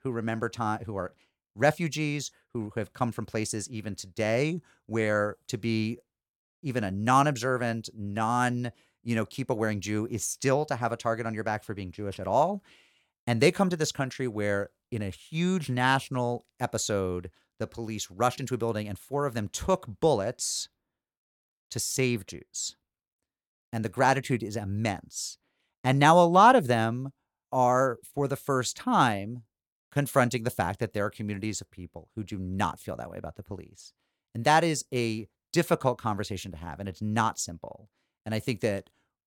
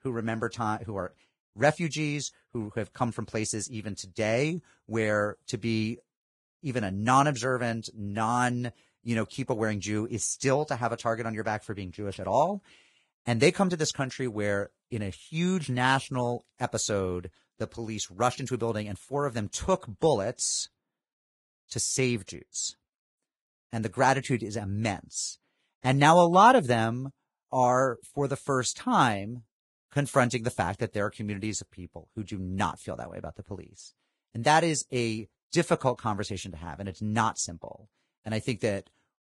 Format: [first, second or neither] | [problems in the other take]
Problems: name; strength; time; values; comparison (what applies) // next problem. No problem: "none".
first | garbled, watery; badly; nothing above 10.5 kHz